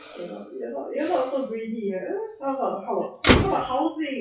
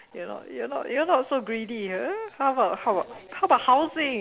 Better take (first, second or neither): second